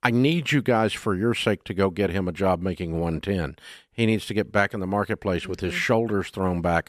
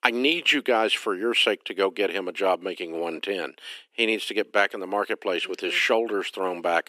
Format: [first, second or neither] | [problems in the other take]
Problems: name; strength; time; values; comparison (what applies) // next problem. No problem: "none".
first | thin; somewhat; fading below 300 Hz